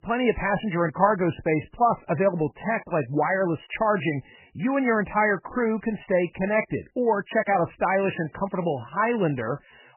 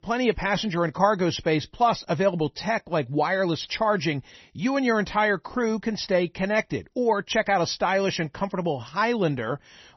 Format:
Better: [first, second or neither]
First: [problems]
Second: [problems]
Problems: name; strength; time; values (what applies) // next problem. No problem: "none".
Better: second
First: garbled, watery; badly; nothing above 3 kHz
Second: garbled, watery; slightly; nothing above 6 kHz